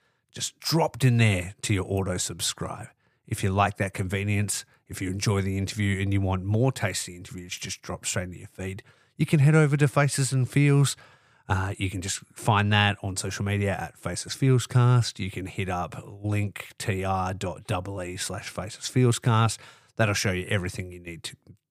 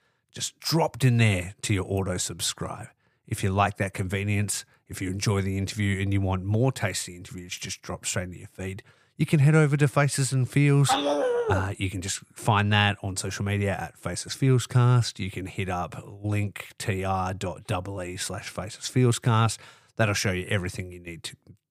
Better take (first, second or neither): first